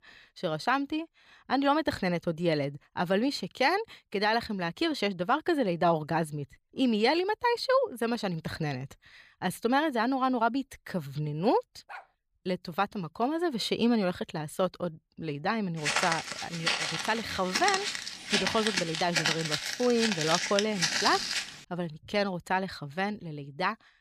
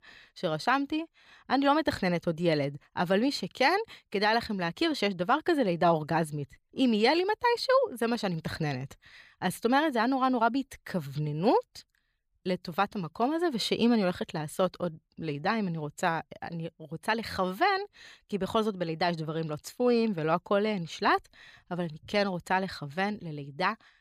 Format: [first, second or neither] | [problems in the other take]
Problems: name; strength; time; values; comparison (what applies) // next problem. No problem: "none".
second | dog barking; faint; at 12 s; peak 15 dB below the speech // footsteps; loud; from 16 to 21 s; peak 3 dB above the speech